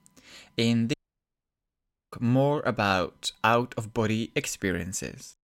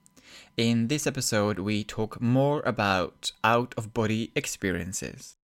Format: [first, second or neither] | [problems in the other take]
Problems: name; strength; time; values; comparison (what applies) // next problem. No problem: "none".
second | audio cutting out; at 1 s for 1 s